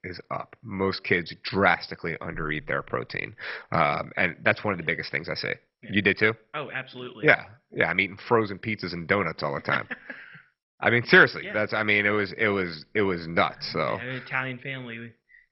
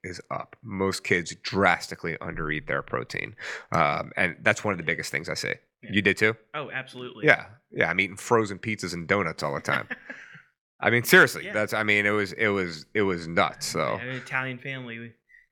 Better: second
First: garbled, watery; badly; nothing above 5.5 kHz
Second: none

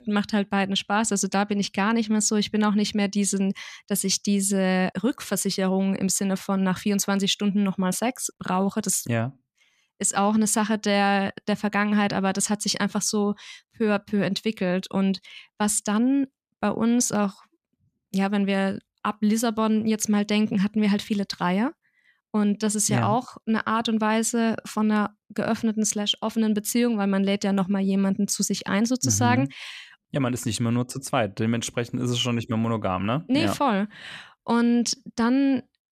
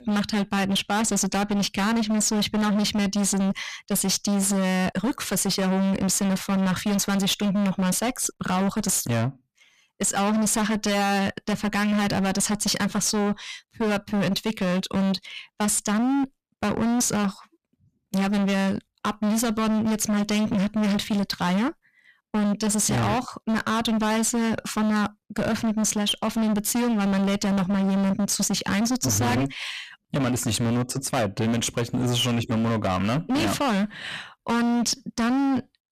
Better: first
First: none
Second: distortion; heavy; 33% of the sound clipped

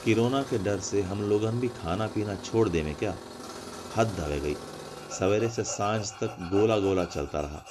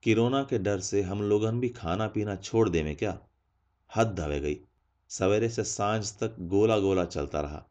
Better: second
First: machinery noise; noticeable; throughout; 15 dB below the speech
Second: none

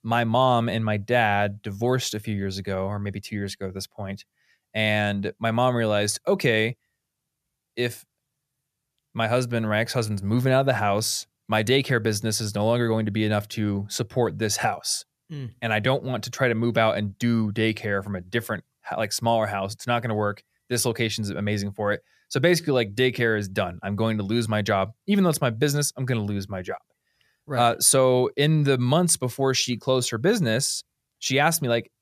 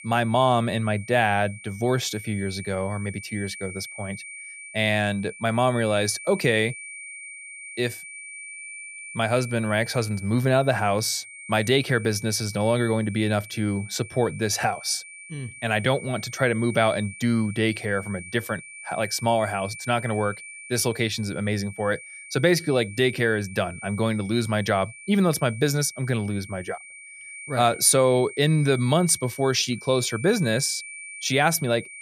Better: first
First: none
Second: high-pitched whine; noticeable; throughout; 2.5 kHz, 15 dB below the speech

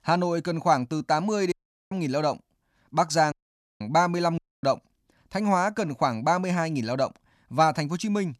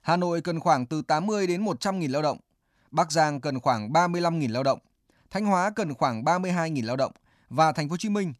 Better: second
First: audio cutting out; at 1.5 s, at 3.5 s and at 4.5 s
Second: none

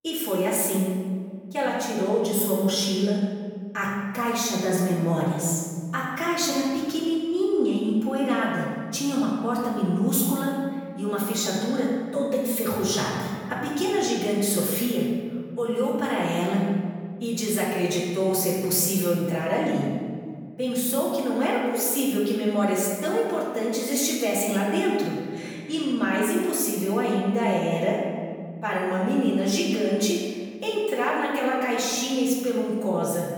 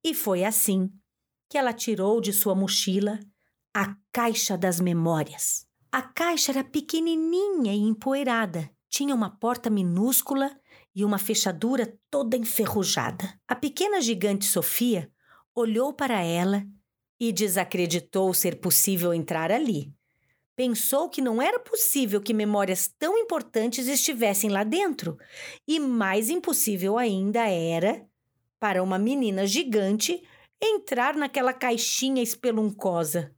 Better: second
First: off-mic speech; far // room echo; noticeable; dies away in 1.9 s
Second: none

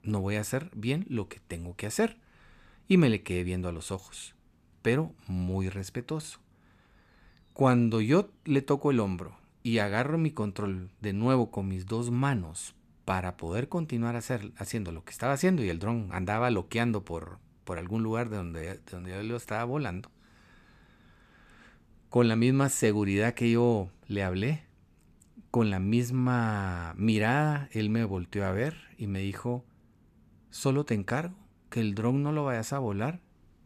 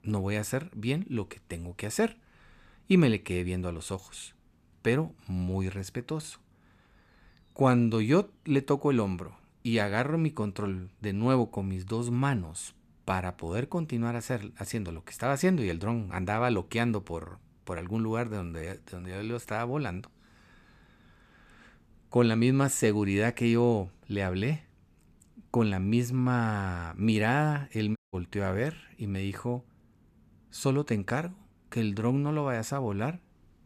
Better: first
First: none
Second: audio cutting out; at 28 s

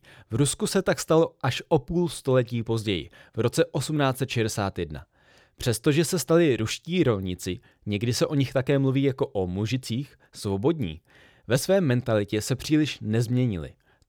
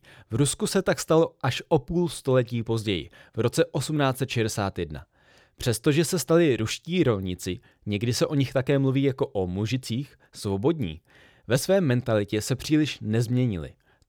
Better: neither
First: none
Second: none

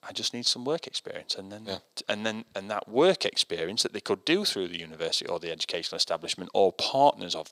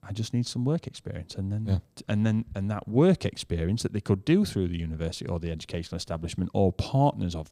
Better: second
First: thin; very; fading below 550 Hz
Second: none

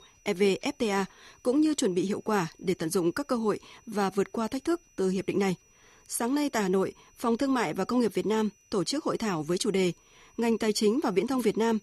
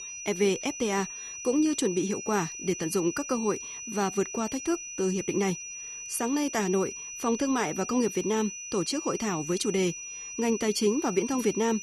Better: first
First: high-pitched whine; faint; throughout; 6 kHz, 30 dB below the speech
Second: high-pitched whine; loud; throughout; 6 kHz, 8 dB below the speech

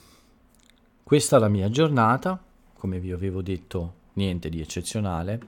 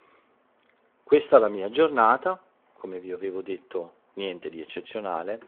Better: first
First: none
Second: phone-call audio

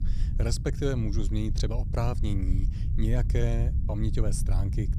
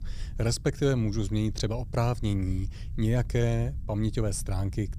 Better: second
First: low rumble; loud; throughout; 10 dB below the speech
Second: low rumble; faint; throughout; 25 dB below the speech

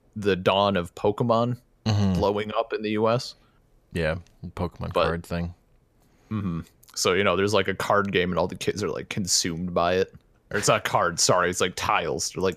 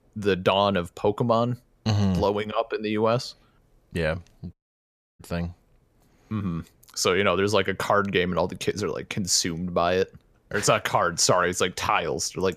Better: first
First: none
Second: audio cutting out; at 4.5 s for 0.5 s

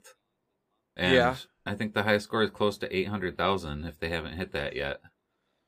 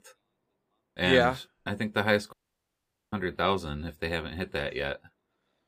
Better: first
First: none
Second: audio cutting out; at 2.5 s for 1 s

